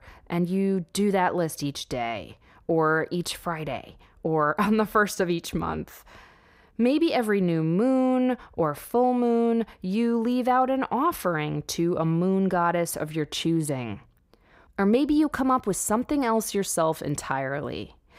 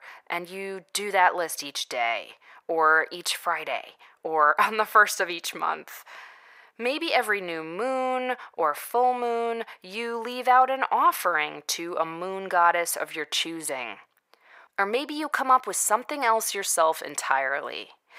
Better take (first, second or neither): first